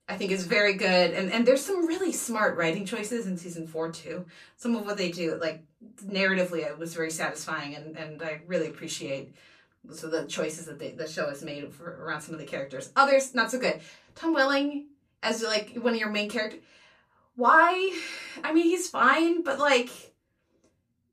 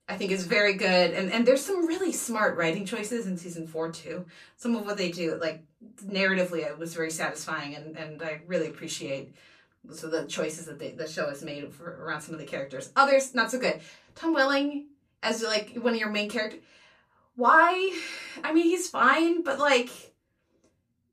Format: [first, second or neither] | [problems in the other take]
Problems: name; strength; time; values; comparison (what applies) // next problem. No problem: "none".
neither | off-mic speech; far; the same in both // room echo; very slight; dies away in 0.2 s; the same in both